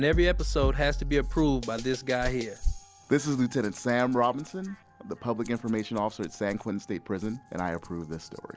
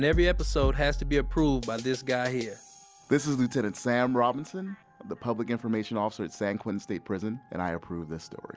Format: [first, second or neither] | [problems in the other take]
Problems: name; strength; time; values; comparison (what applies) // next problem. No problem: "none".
second | background sound (Rattle); 13 dB below the speech